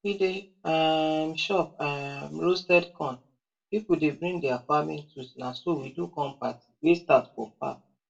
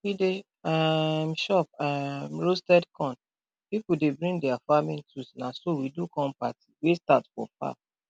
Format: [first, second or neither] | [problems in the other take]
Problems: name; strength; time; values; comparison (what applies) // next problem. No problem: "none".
second | room echo; dies away in 0.2 s